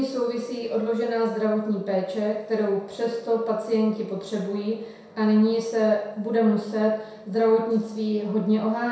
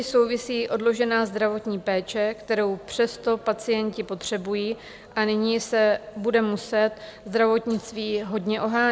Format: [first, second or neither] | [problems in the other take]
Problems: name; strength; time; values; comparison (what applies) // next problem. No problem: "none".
second | room echo; dies away in 0.7 s